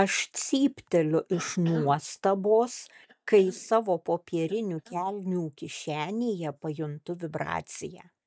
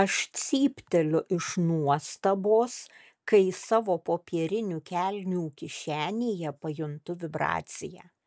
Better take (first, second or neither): second